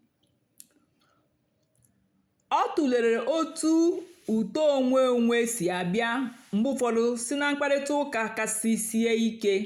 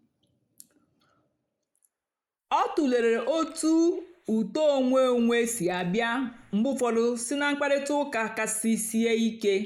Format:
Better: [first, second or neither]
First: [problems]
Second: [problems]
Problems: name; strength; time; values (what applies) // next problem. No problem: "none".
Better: first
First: none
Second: noise reduction (neural mask model Resemble Enhance denoiser)